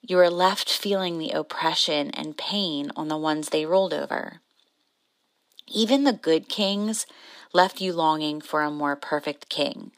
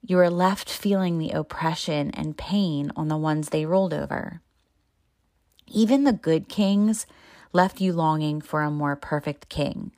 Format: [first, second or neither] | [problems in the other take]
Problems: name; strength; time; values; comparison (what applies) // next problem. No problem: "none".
second | thin; very slightly; fading below 300 Hz